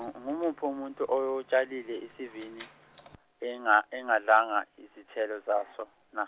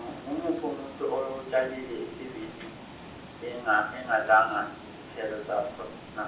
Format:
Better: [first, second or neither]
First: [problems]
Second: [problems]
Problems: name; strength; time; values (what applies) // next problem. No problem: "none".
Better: first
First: none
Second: background sound (Water); 14 dB below the speech // room echo; dies away in 0.6 s